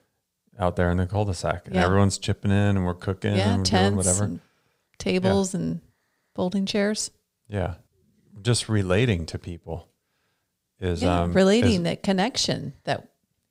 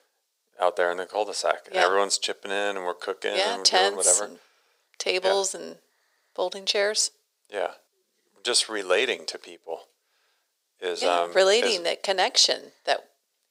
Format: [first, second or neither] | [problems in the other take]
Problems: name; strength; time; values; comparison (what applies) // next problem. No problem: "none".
first | thin; very; fading below 400 Hz